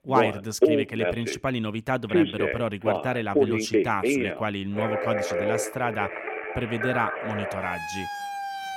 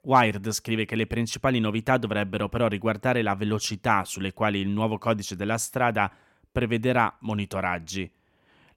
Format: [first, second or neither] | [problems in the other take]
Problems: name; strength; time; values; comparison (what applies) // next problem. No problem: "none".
second | alarms or sirens; very loud; throughout; 2 dB above the speech